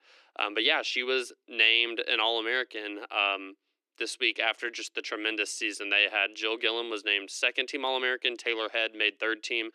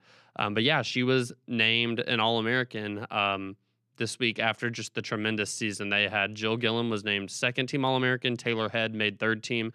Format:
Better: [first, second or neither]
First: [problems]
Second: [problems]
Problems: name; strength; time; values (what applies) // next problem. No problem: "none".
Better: second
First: thin; very; fading below 300 Hz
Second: none